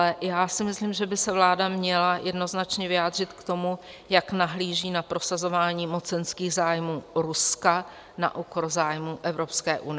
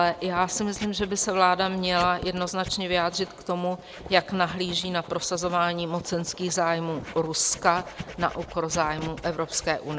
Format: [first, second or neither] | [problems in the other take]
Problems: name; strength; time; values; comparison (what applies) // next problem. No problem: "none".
first | background sound (Writing); 16 dB below the speech